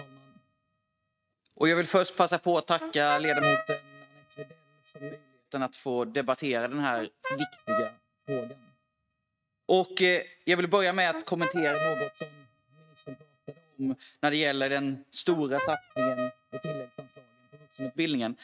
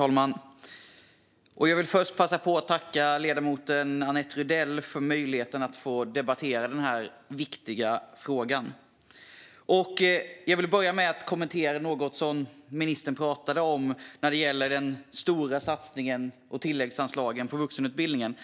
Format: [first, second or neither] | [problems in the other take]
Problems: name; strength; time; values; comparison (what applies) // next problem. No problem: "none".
second | noise reduction (neural mask model RNNoise)